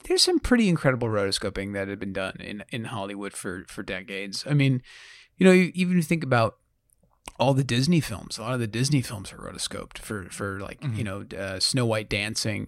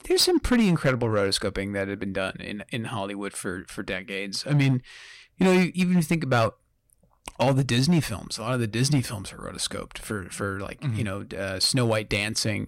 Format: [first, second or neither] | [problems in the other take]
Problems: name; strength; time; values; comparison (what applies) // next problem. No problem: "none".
first | distortion; slight; 3% of the sound clipped